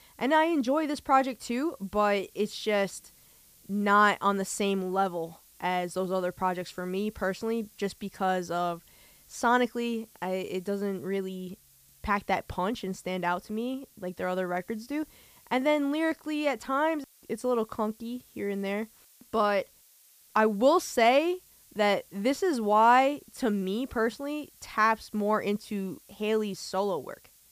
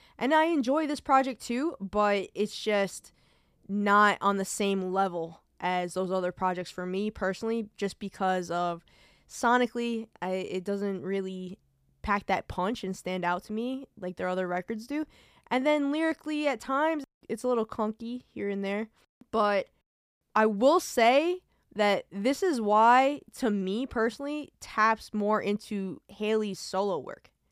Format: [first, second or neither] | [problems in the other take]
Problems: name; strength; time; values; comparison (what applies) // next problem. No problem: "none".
second | hiss; faint; throughout; 25 dB below the speech